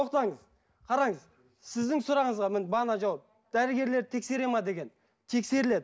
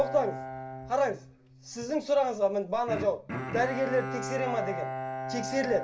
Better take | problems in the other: first | background sound (Bowed string instrument); 7 dB below the speech // room echo; dies away in 0.2 s

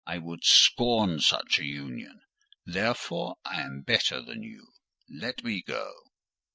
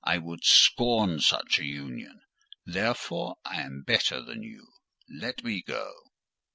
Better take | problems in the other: second | noise reduction (neural mask model DeepFilterNet 3)

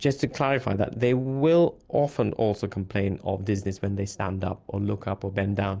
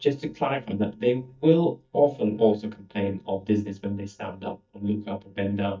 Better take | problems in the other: first | noise reduction (neural mask model DeepFilterNet 3)

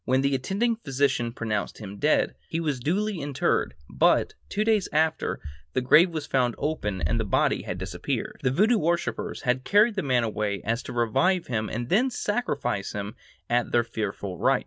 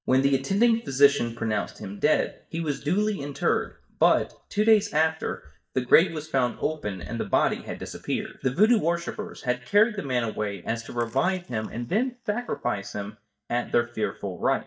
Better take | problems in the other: first | noise reduction (neural mask model DeepFilterNet 3)

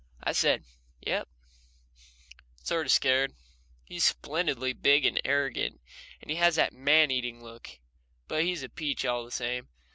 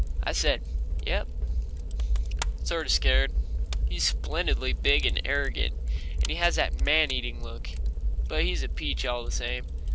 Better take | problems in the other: first | background sound (Fire); 4 dB above the speech

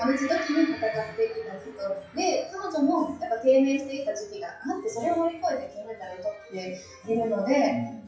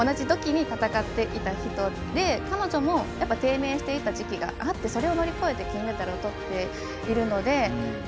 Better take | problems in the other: second | noise reduction (classical method WPE with log-MMSE)

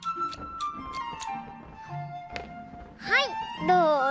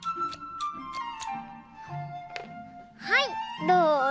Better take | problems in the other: second | background sound (Thunder); 20 dB below the speech

